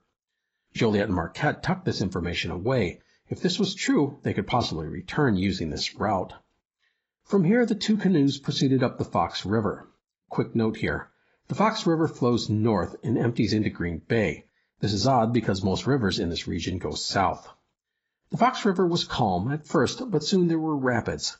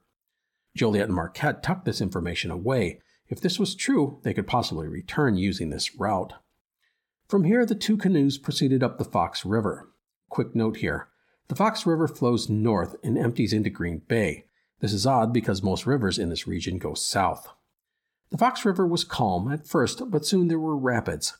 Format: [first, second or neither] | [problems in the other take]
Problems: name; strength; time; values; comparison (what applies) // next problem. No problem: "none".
second | garbled, watery; badly; nothing above 7.5 kHz